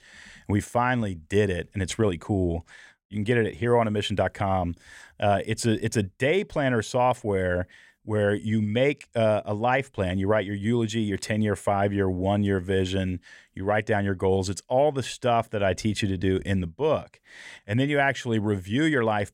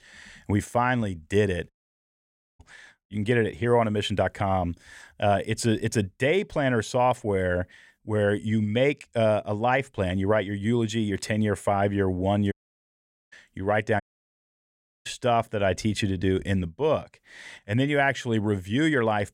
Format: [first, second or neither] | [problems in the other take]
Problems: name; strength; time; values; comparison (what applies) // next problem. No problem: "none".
first | audio cutting out; at 1.5 s for 1 s, at 13 s for 1 s and at 14 s for 1 s